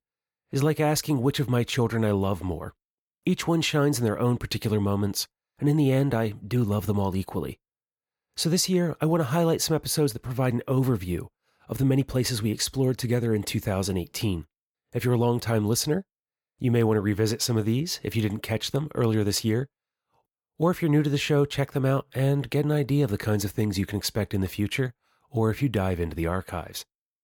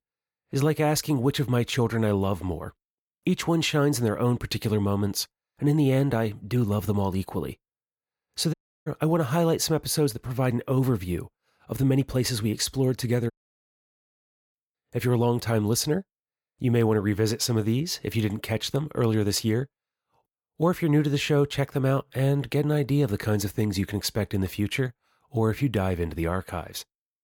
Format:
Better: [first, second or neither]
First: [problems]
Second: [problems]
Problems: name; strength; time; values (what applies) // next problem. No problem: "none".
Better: first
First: none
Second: audio cutting out; at 8.5 s and at 13 s for 1 s